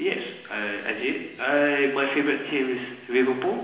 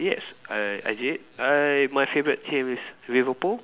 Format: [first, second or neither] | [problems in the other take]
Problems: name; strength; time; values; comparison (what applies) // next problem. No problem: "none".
second | room echo; dies away in 1 s